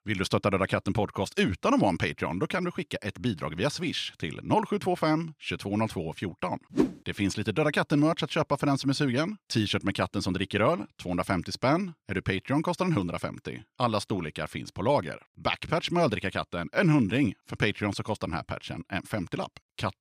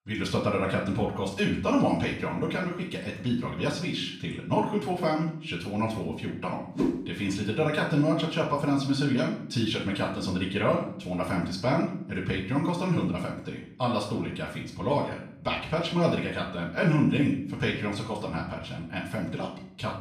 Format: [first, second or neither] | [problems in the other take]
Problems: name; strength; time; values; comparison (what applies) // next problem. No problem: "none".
first | room echo; noticeable; dies away in 0.5 s // off-mic speech; far